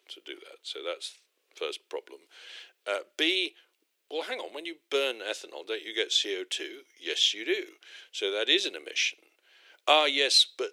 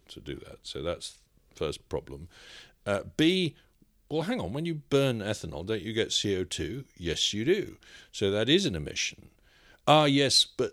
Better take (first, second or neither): second